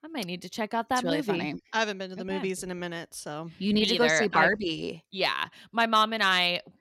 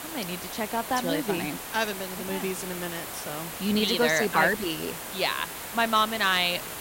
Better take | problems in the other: first | hiss; loud; throughout; 8 dB below the speech

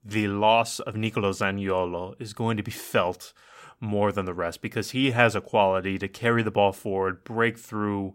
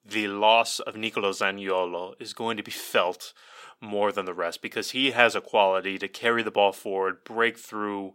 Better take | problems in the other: first | thin; somewhat; fading below 350 Hz

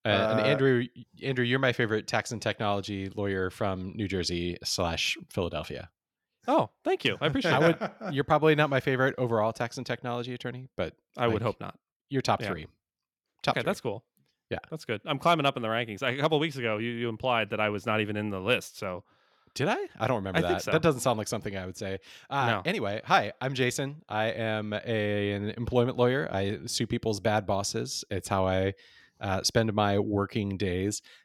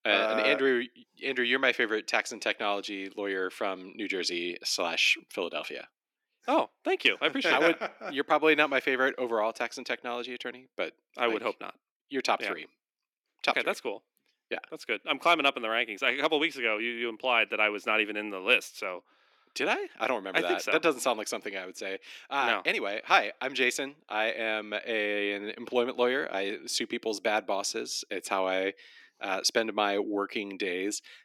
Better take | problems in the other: first | thin; somewhat; fading below 300 Hz

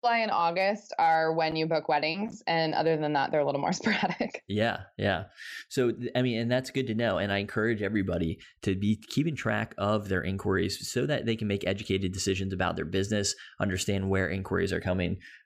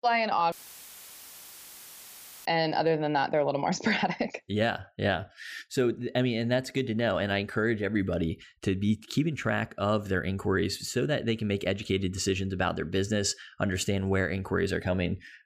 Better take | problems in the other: first | audio cutting out; filled with static; at 0.5 s for 2 s

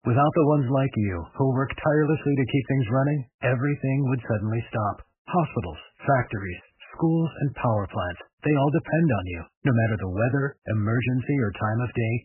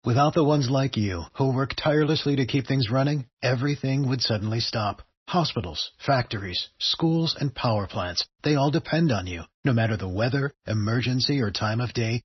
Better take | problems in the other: second | garbled, watery; badly; nothing above 3 kHz; slightly in the second

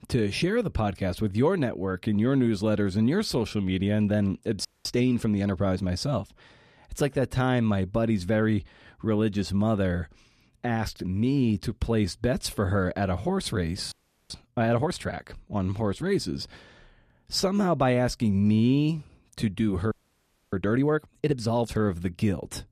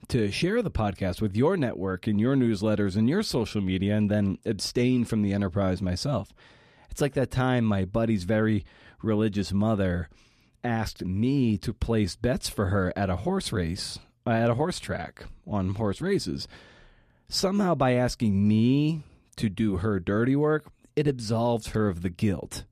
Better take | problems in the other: second | audio freezing; at 4.5 s, at 14 s and at 20 s for 0.5 s

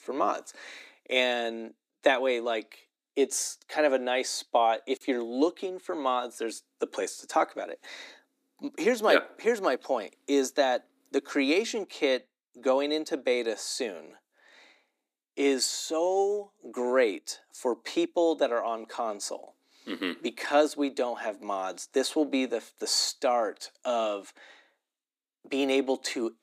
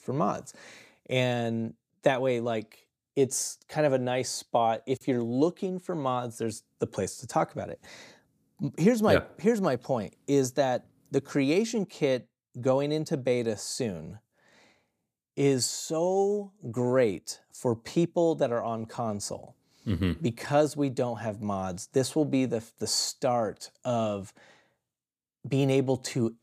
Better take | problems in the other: second | thin; very slightly; fading below 250 Hz

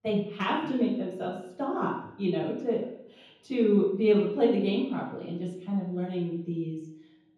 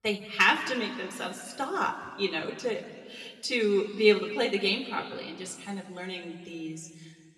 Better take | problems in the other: second | room echo; strong; dies away in 0.9 s; slight in the second // off-mic speech; far

